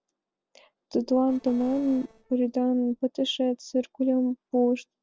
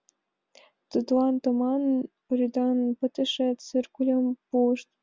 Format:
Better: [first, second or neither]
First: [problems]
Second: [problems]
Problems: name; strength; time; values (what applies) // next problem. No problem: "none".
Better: second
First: noise reduction (neural separator model SepFormer DNS4)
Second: none